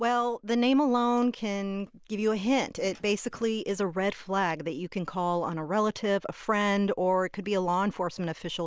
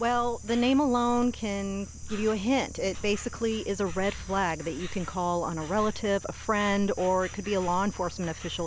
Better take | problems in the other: first | background sound (Insect); 12 dB below the speech

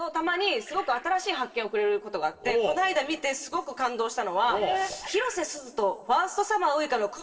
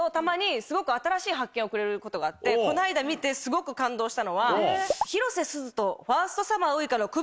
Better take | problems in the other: second | noise reduction (neural separator model SepFormer DNS4)

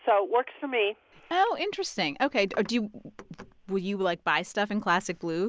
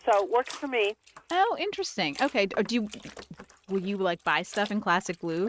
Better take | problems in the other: first | noise reduction (neural mask model RNNoise)

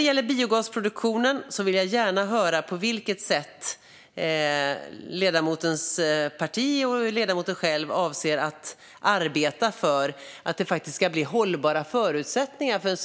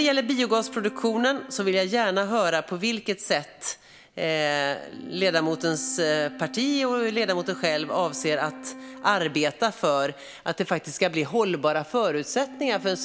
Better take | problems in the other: first | background sound (Wind instrument, woodwind instrument); 18 dB below the speech

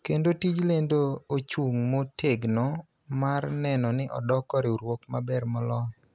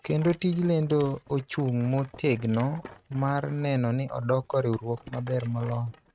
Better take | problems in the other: first | noise reduction (neural mask model RNNoise)

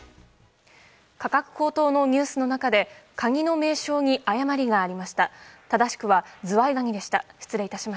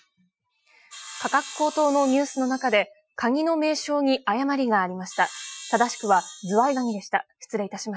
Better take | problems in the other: first | noise reduction (classical method Wiener filter)

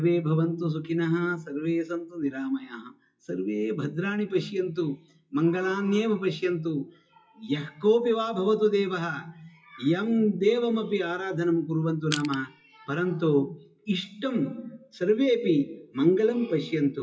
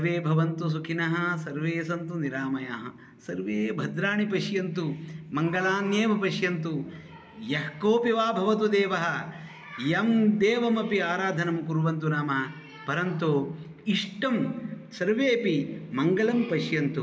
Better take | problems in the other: second | noise reduction (classical method WPE with log-MMSE)

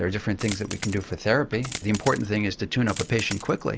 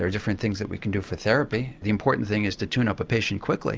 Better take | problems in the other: second | background sound (Coin (dropping)); 12 dB below the speech

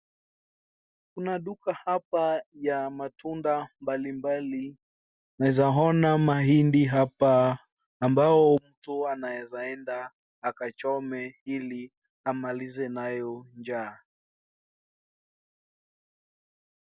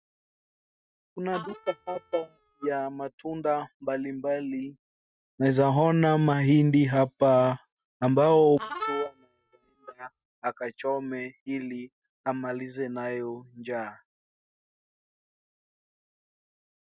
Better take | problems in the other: first | noise reduction (neural mask model RNNoise)

